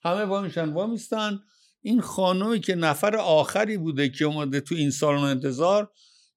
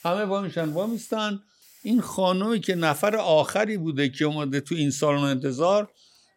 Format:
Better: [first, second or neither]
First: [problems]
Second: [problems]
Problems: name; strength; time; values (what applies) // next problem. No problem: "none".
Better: first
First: none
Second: hiss; faint; throughout; 25 dB below the speech